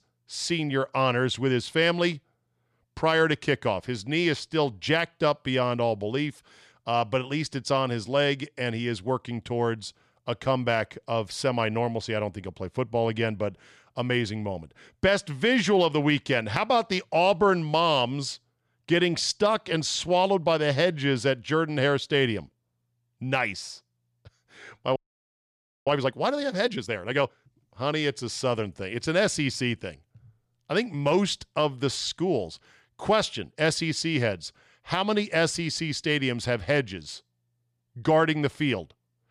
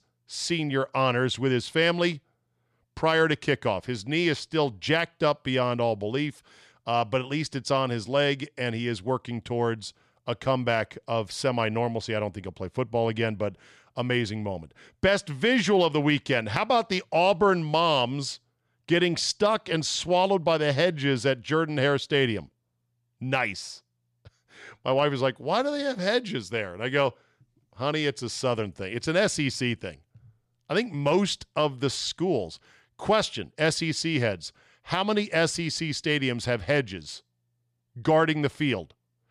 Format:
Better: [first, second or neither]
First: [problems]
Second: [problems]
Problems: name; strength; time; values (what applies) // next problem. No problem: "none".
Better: second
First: audio freezing; at 25 s for 1 s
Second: none